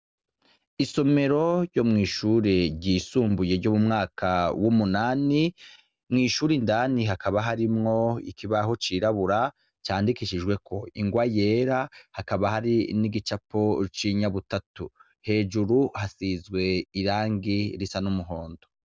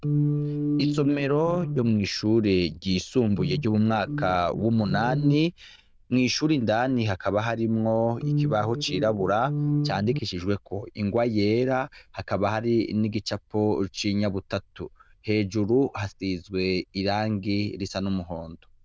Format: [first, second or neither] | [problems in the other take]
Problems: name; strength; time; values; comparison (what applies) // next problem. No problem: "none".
first | noise reduction (neural diffusion model UNIVERSE++)